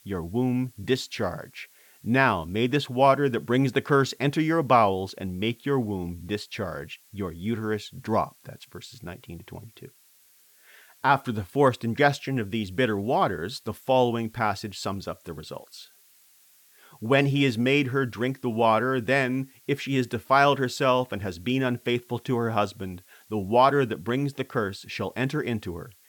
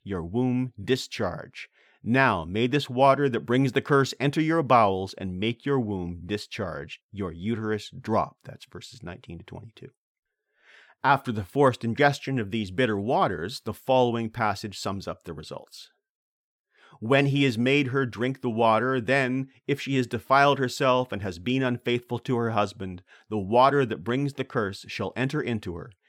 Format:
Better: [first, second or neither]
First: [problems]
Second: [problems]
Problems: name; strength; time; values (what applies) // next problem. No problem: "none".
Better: second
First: hiss; faint; throughout; 30 dB below the speech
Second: none